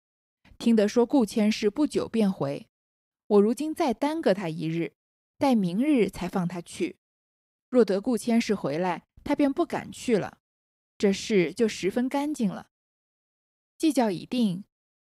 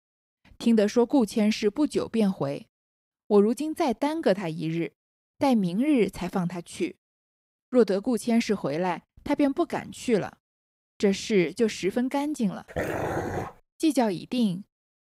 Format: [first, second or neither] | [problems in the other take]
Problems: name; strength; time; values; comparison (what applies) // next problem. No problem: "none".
first | dog barking; noticeable; at 13 s; peak 3 dB below the speech